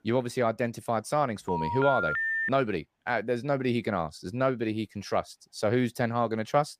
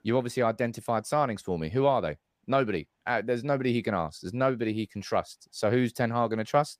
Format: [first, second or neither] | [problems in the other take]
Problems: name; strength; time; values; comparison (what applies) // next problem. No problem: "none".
second | phone ringing; loud; from 1.5 to 2.5 s; peak 2 dB above the speech